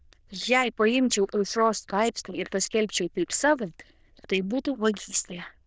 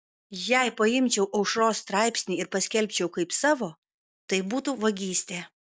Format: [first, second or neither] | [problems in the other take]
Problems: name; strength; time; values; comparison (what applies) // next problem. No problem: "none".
second | noise reduction (neural diffusion model UNIVERSE++)